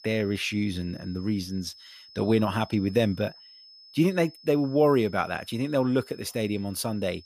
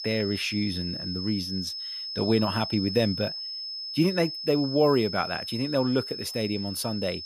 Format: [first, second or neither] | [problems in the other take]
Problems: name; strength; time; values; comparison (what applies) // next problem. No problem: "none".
first | high-pitched whine; loud; throughout; 5 kHz, 6 dB below the speech; faint in the first